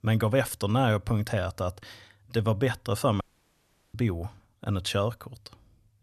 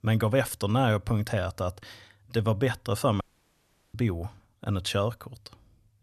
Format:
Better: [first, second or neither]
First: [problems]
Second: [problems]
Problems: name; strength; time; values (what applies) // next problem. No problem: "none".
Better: neither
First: audio cutting out; at 3 s for 0.5 s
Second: audio cutting out; at 3 s for 0.5 s